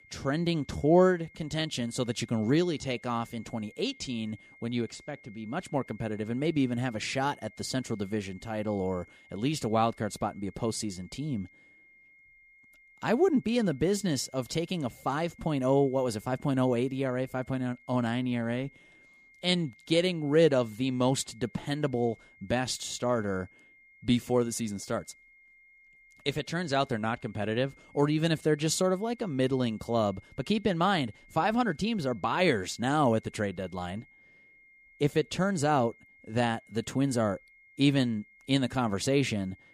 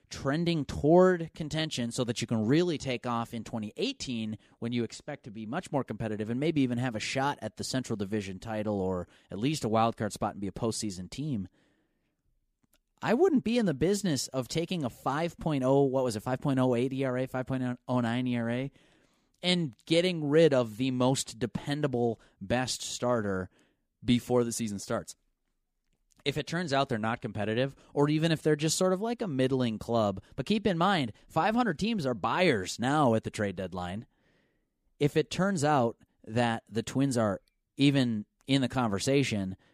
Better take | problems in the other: second | high-pitched whine; faint; throughout; 2 kHz, 25 dB below the speech

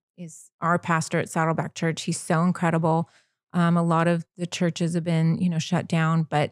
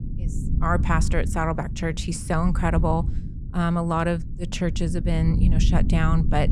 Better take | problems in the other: first | low rumble; noticeable; throughout; 15 dB below the speech

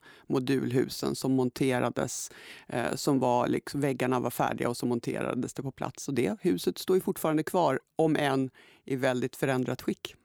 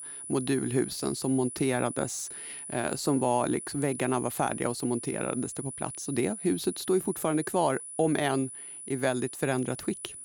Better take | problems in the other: first | high-pitched whine; loud; throughout; 10 kHz, 9 dB below the speech

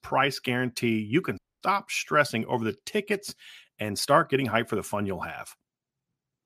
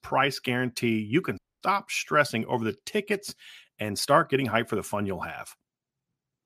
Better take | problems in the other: neither | audio cutting out; at 1.5 s; the same in both

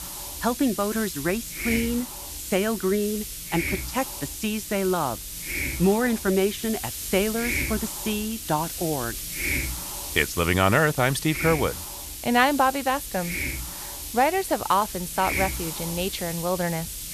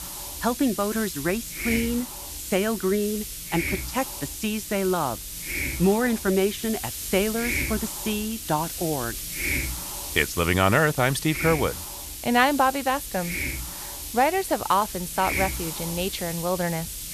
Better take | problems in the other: neither | hiss; loud; throughout; 5 dB below the speech; the same in both

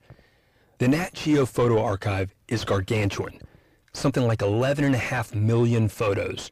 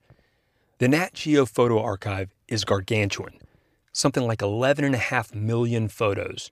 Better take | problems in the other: second | distortion; heavy; 7 dB below the speech

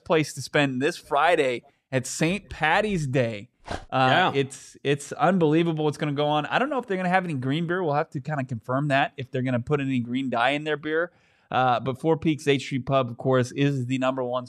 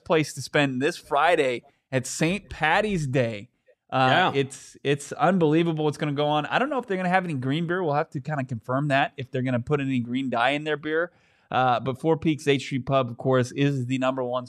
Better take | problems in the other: second | dog barking; faint; at 3.5 s; peak 10 dB below the speech

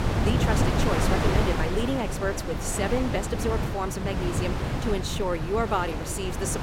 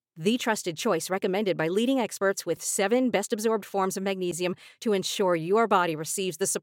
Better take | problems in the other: second | wind noise on the microphone; heavy; 1 dB below the speech

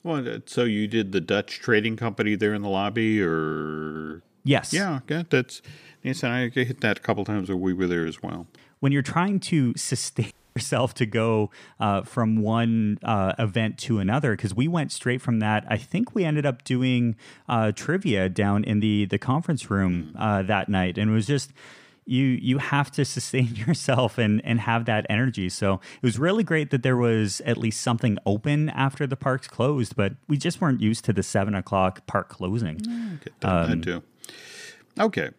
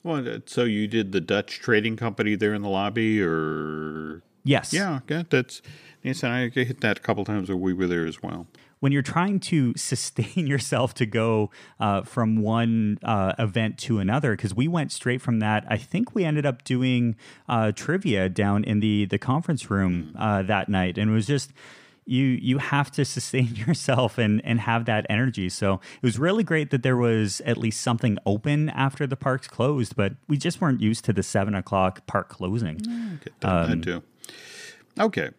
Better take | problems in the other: second | audio cutting out; at 10 s

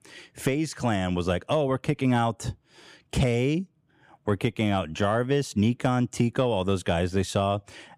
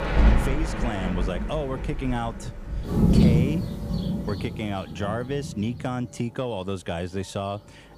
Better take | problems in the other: first | rain or running water; very loud; throughout; 5 dB above the speech

